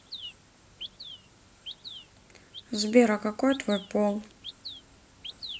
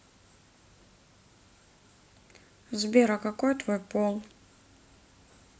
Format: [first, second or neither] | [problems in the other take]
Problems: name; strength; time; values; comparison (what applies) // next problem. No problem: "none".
second | background sound (Bird vocalization, bird call, bird song); 15 dB below the speech